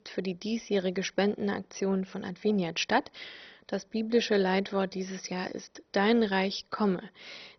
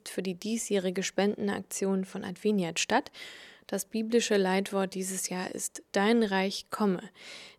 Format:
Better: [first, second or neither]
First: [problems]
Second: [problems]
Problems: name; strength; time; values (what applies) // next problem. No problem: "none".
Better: second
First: garbled, watery; badly; nothing above 6 kHz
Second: none